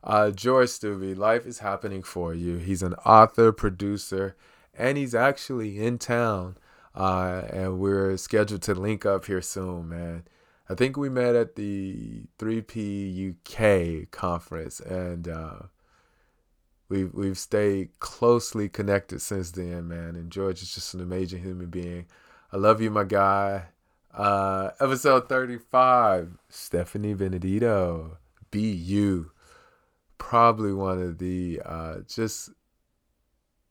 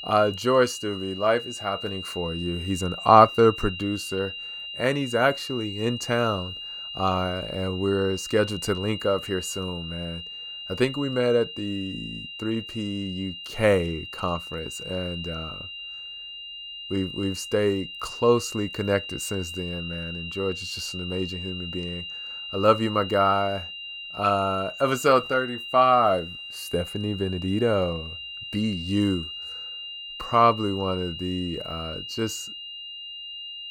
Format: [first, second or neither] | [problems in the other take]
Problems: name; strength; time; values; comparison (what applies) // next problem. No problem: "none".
first | high-pitched whine; loud; throughout; 3 kHz, 9 dB below the speech